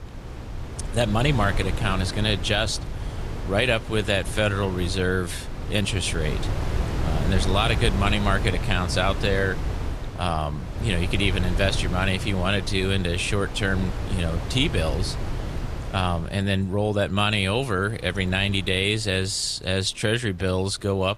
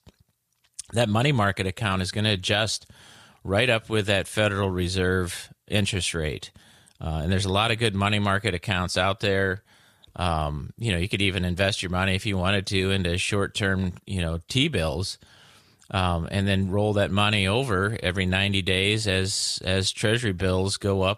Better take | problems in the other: second | wind noise on the microphone; occasional gusts; 10 dB below the speech

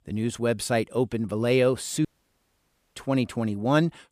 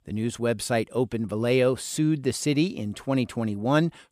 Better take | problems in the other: second | audio cutting out; at 2 s for 1 s

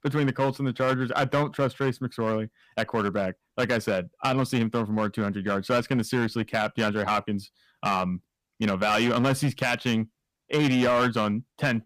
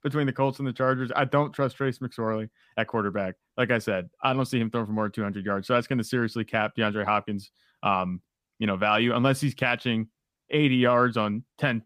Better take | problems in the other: second | distortion; slight; 8% of the sound clipped

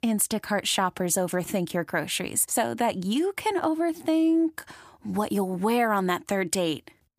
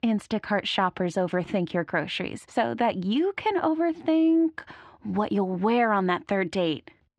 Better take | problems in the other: first | muffled; slightly; fading above 3.5 kHz

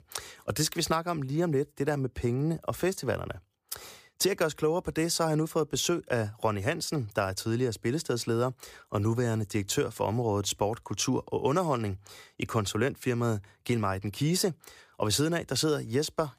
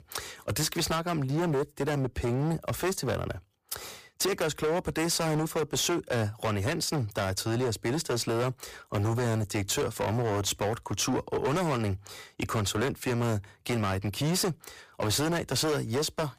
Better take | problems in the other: first | distortion; heavy; 20% of the sound clipped

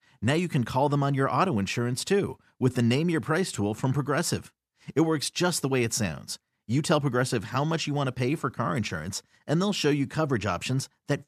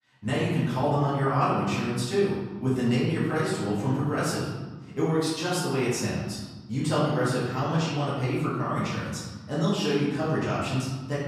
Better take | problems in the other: first | room echo; noticeable; dies away in 1.2 s // off-mic speech; far

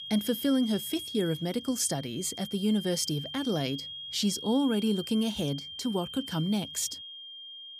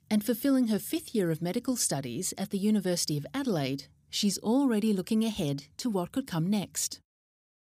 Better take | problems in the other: second | high-pitched whine; loud; throughout; 3.5 kHz, 9 dB below the speech

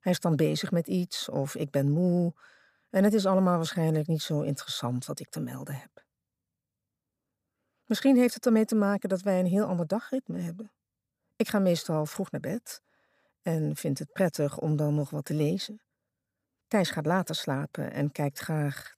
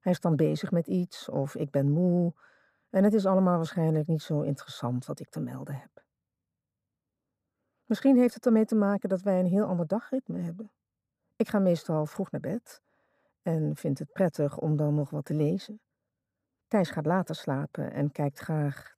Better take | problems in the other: first | muffled; slightly; fading above 2 kHz

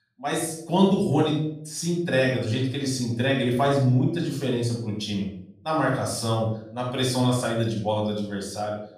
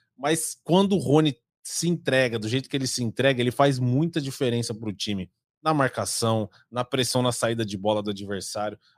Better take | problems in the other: second | off-mic speech; far // room echo; noticeable; dies away in 0.5 s

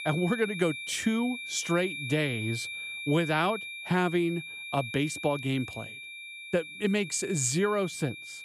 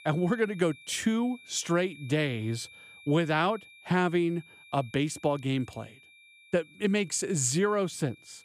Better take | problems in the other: second | high-pitched whine; loud; throughout; 2.5 kHz, 8 dB below the speech; faint in the second

